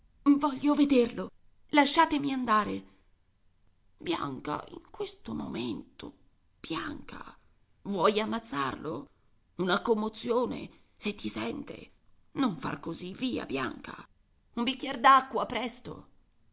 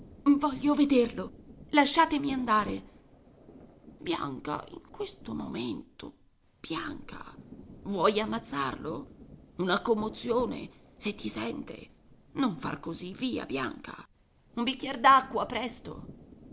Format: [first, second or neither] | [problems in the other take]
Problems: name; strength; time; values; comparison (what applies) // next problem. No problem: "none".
first | background sound (Rain); 20 dB below the speech